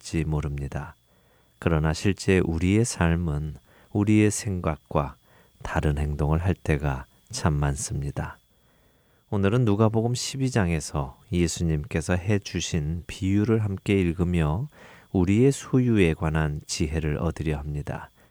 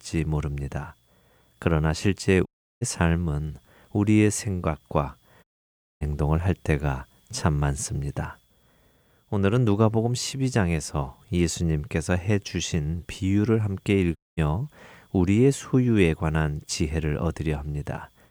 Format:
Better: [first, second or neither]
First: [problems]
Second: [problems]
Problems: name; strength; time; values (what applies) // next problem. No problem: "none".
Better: first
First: none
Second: audio cutting out; at 2.5 s, at 5.5 s for 0.5 s and at 14 s